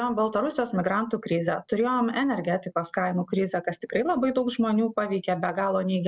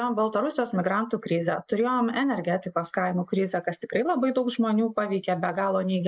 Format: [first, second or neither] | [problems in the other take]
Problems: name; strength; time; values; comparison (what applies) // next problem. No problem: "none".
first | noise reduction (neural mask model Resemble Enhance denoiser)